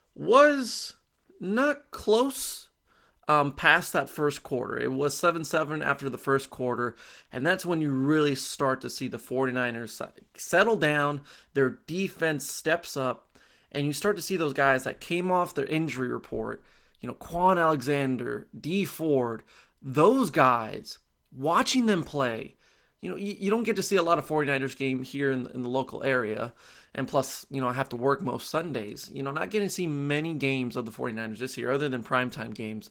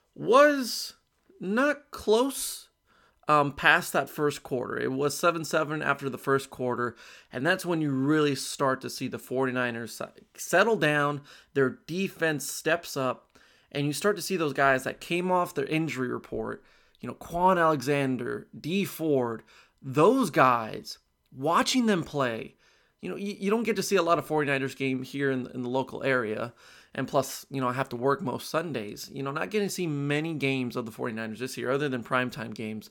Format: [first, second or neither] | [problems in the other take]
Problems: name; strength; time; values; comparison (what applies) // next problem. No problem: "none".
second | garbled, watery; slightly; nothing above 17.5 kHz